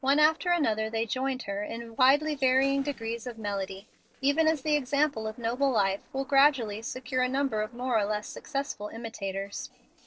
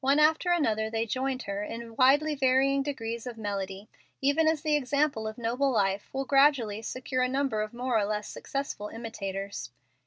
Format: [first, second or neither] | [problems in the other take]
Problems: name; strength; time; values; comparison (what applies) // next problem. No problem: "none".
second | noise reduction (neural separator model SepFormer DNS4)